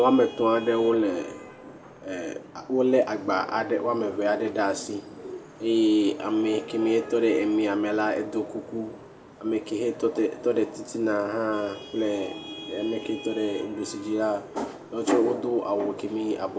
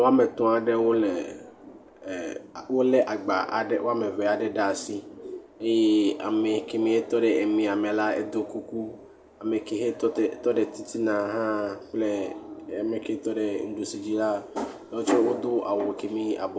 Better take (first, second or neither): second